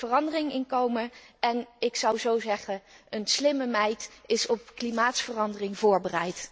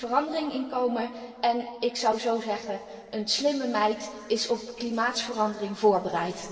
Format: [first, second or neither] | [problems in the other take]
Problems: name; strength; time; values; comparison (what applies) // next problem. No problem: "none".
first | room echo; dies away in 2.2 s